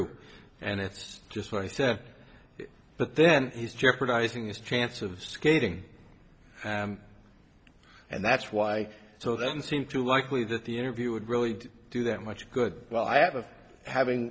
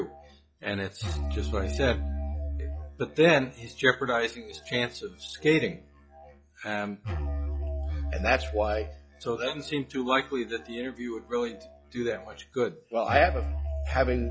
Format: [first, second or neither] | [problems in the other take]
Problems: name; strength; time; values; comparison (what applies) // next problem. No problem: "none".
first | noise reduction (classical method log-MMSE)